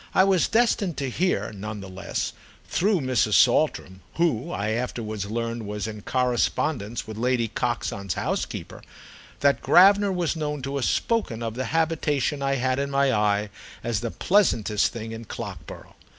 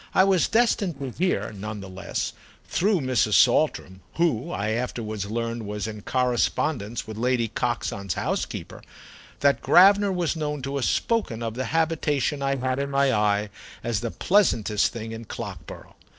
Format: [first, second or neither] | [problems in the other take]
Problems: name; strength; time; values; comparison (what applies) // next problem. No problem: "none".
first | noise reduction (neural separator model SepFormer DNS4)